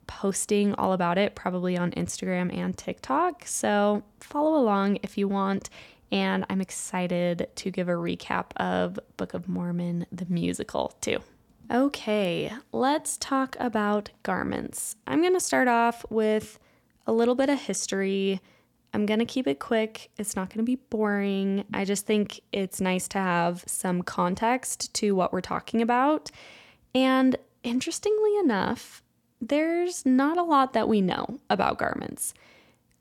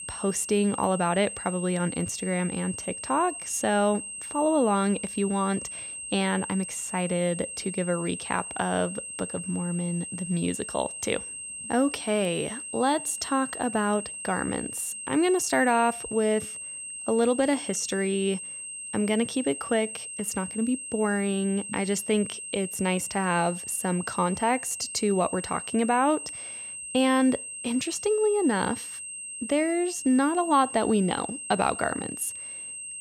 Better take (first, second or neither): first